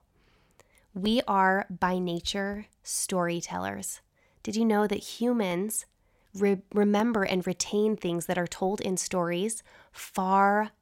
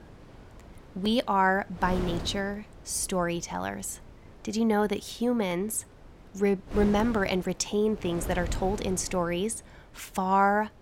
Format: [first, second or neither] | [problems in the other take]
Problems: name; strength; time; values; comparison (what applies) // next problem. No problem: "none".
first | wind noise on the microphone; occasional gusts; 20 dB below the speech